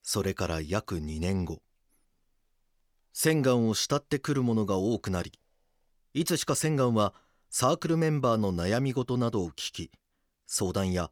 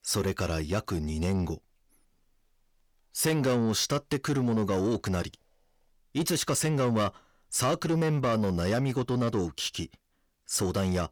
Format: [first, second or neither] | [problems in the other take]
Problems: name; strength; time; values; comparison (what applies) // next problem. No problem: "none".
first | distortion; slight; 10 dB below the speech